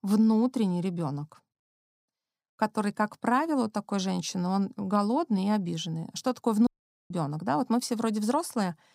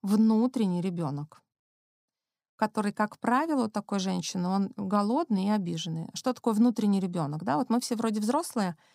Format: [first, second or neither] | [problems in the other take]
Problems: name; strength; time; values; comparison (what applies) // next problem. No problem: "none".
second | audio cutting out; at 6.5 s